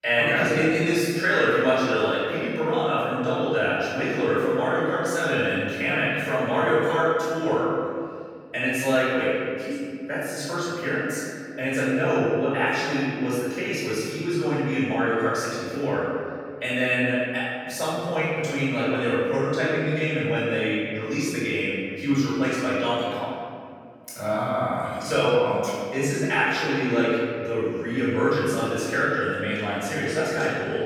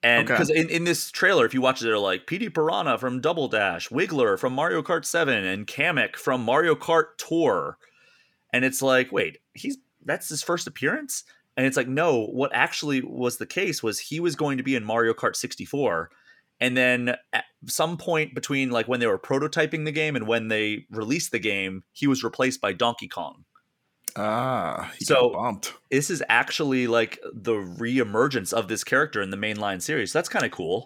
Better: second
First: off-mic speech; far // room echo; strong; dies away in 2.1 s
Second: none

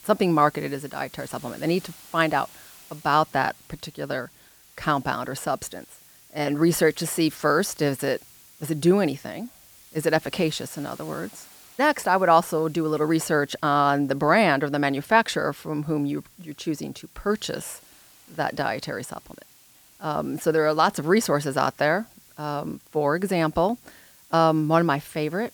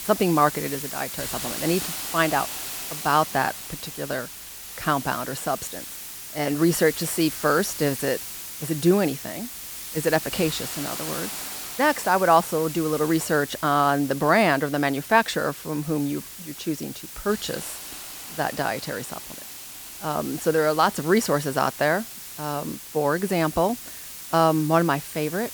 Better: first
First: hiss; faint; throughout; 25 dB below the speech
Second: hiss; loud; throughout; 9 dB below the speech

